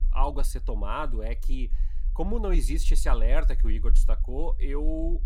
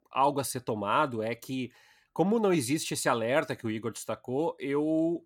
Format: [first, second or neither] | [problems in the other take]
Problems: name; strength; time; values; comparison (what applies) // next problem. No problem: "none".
second | low rumble; faint; throughout; 20 dB below the speech